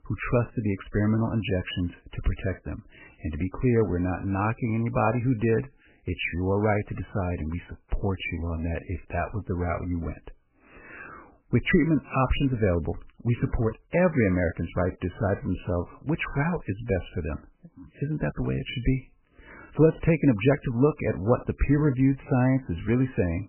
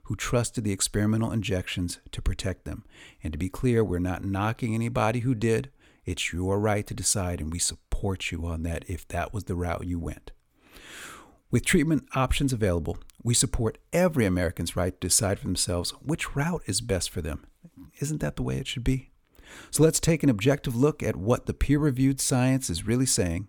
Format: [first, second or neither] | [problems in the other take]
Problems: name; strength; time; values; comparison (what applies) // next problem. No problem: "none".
second | garbled, watery; badly; nothing above 3 kHz